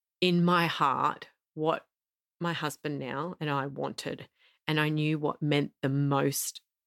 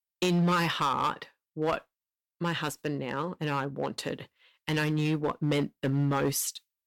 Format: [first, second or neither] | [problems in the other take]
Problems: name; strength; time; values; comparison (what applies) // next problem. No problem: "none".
first | distortion; slight; 5% of the sound clipped